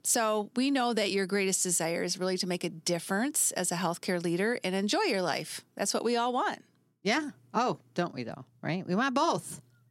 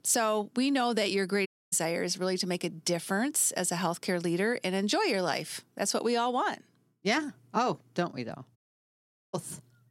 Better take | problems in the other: first | audio cutting out; at 1.5 s and at 8.5 s for 1 s

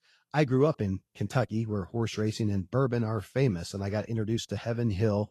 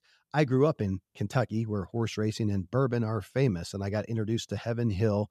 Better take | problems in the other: second | garbled, watery; slightly; nothing above 13 kHz

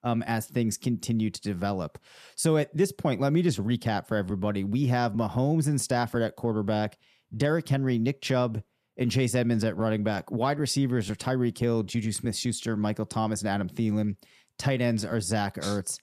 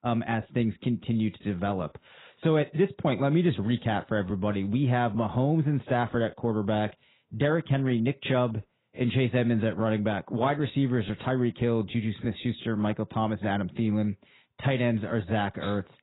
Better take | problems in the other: first | garbled, watery; badly; nothing above 4 kHz

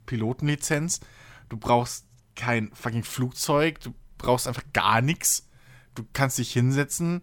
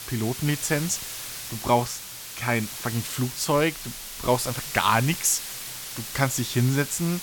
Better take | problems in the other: first | hiss; loud; throughout; 8 dB below the speech

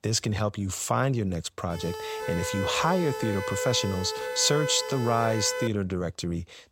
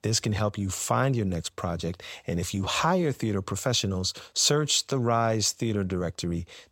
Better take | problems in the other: second | siren; noticeable; from 1.5 to 5.5 s; peak 4 dB below the speech

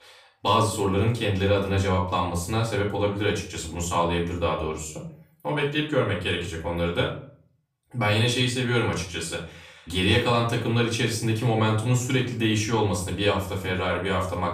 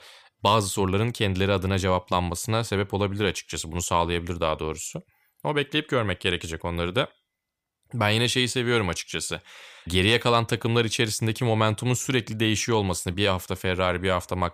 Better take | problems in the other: second | off-mic speech; far // room echo; slight; dies away in 0.4 s

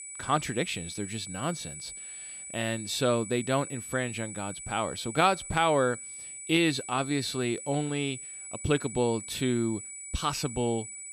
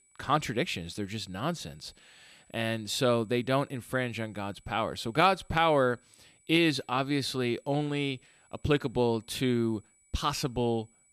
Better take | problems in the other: second | high-pitched whine; loud; throughout; 8 kHz, 9 dB below the speech; faint in the second

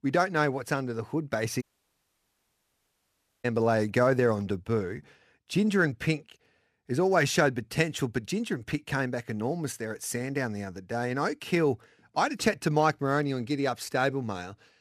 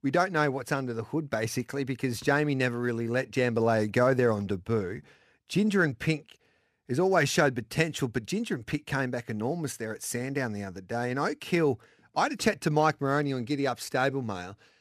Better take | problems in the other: second | audio cutting out; at 1.5 s for 2 s

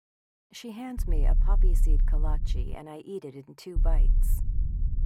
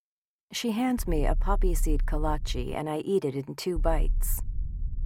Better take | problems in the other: second | low rumble; loud; from 1 to 2.5 s and from 4 s on; 9 dB below the speech; faint in the second

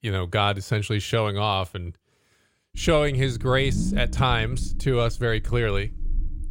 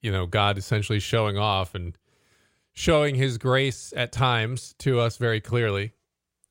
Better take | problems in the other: second | low rumble; noticeable; from 2.5 s on; 15 dB below the speech

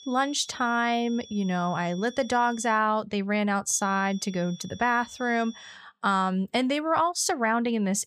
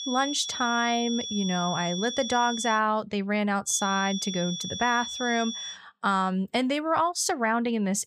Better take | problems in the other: first | high-pitched whine; loud; until 3 s and from 3.5 to 5.5 s; 3.5 kHz, 6 dB below the speech; faint in the first

